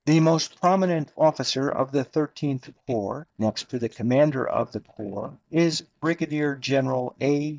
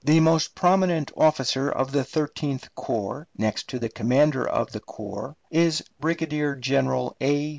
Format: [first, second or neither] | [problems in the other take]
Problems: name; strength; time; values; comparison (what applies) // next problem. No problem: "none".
second | noise reduction (neural mask model DeepFilterNet 3)